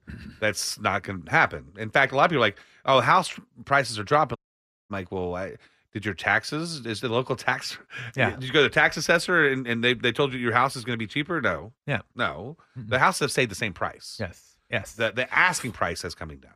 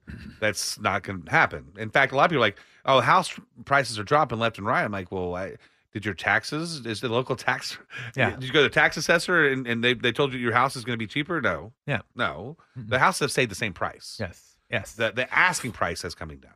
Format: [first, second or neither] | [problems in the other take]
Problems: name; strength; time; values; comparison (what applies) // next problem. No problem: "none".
second | audio cutting out; at 4.5 s for 0.5 s